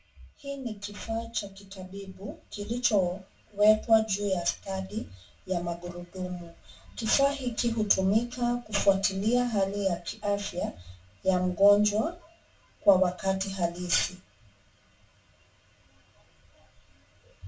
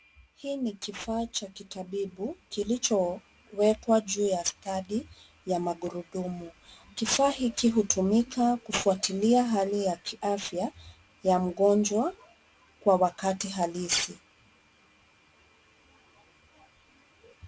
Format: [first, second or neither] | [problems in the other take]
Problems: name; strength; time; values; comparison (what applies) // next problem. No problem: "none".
second | room echo; dies away in 0.2 s